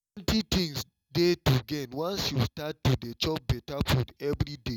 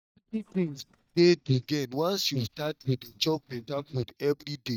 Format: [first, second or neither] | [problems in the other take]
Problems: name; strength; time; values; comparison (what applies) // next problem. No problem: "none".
first | noise reduction (neural mask model DeepFilterNet 3)